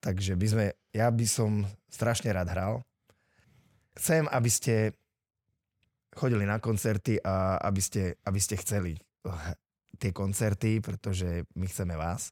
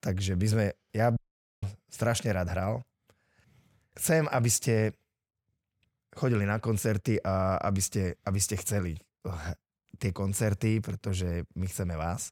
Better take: first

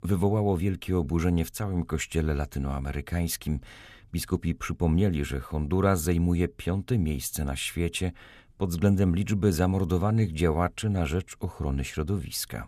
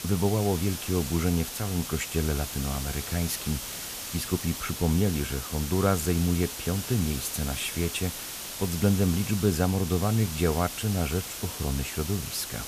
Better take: first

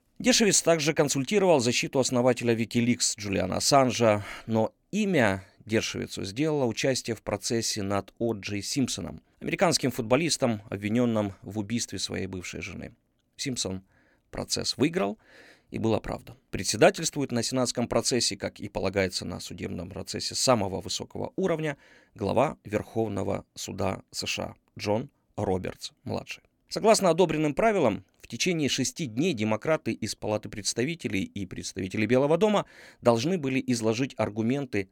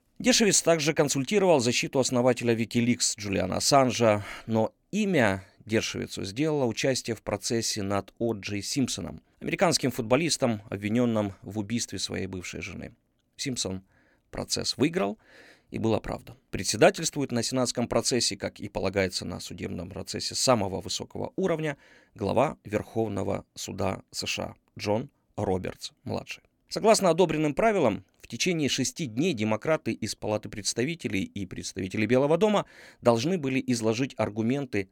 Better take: neither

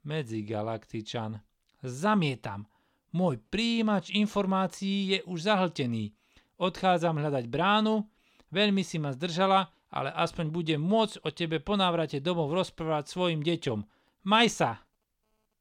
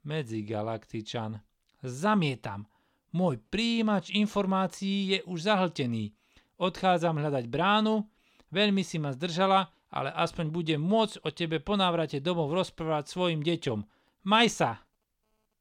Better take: neither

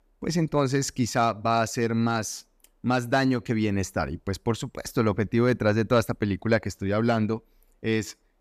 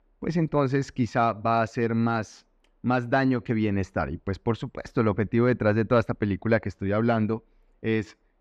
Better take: first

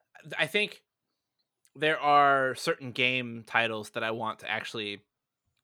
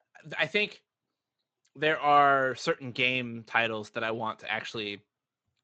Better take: first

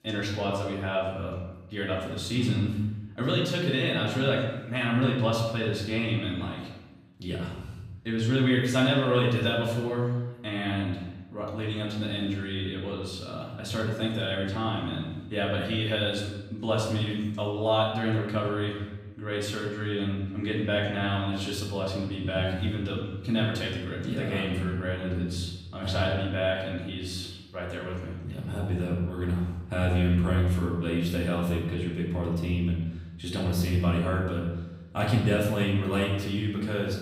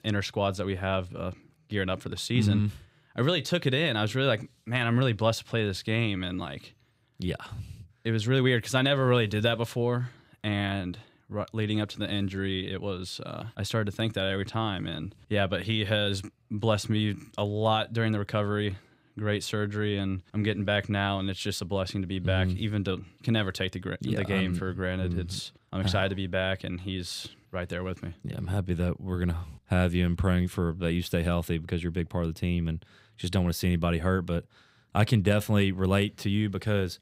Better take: second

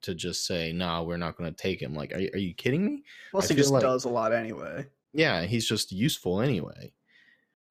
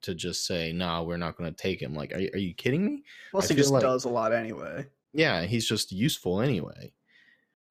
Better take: neither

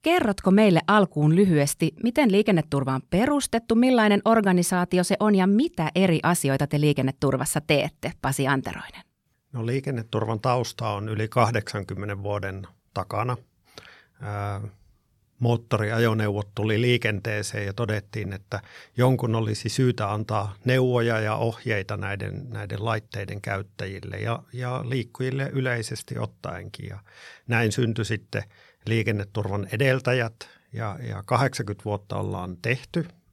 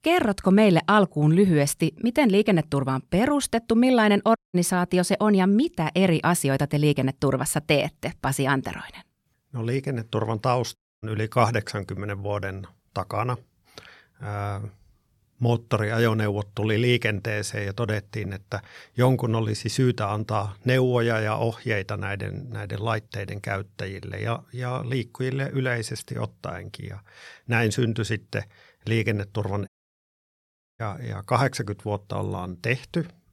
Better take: first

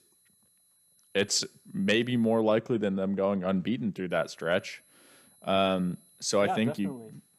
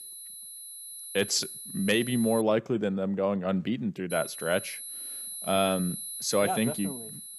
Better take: first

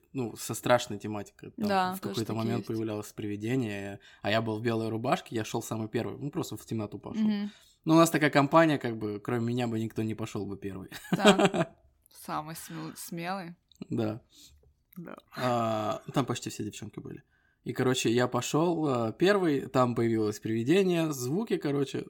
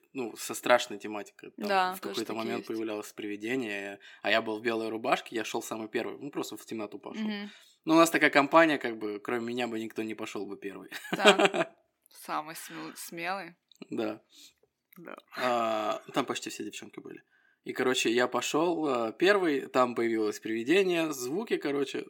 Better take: first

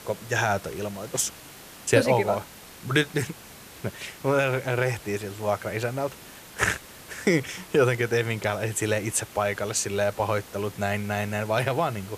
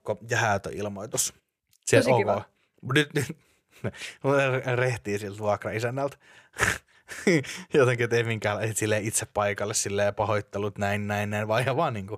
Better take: second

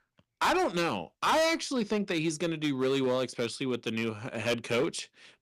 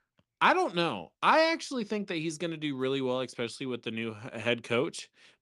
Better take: second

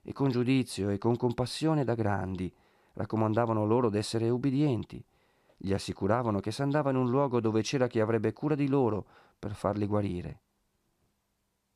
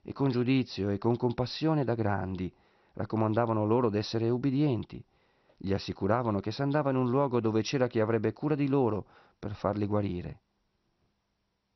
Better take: first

